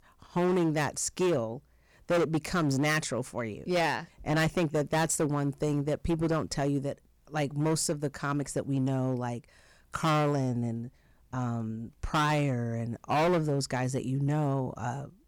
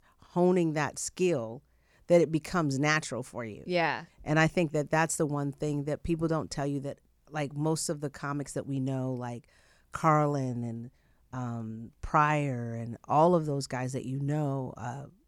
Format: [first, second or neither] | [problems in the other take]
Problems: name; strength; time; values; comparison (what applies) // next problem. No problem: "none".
second | distortion; heavy; 10% of the sound clipped